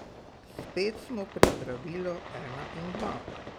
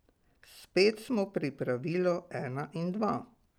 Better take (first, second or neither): second